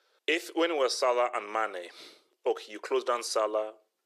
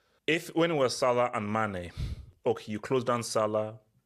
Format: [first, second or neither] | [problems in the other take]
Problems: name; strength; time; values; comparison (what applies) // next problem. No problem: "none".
second | thin; very; fading below 350 Hz